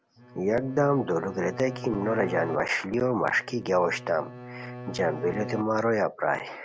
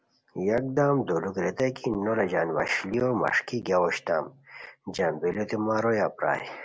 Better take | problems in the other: second | background sound (Bowed string instrument); 13 dB below the speech

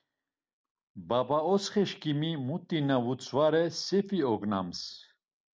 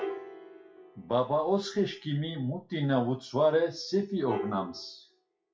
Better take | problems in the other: first | noise reduction (classical method WPE with log-MMSE)

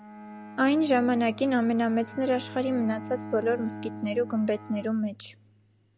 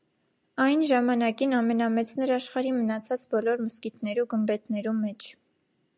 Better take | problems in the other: second | background sound (Bowed string instrument); 14 dB below the speech

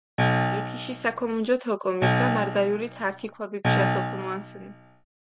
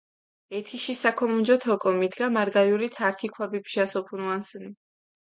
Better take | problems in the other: second | background sound (Piano); 2 dB above the speech

